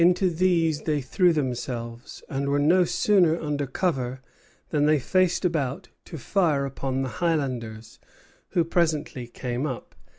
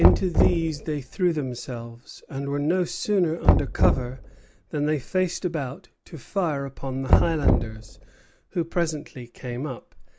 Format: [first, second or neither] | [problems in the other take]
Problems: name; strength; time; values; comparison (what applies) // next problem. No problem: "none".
first | background sound (Knock); 1 dB above the speech